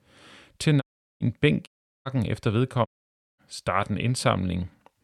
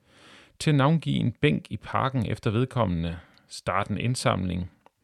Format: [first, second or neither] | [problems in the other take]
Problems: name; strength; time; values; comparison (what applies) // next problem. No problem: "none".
second | audio cutting out; at 1 s, at 1.5 s and at 3 s for 0.5 s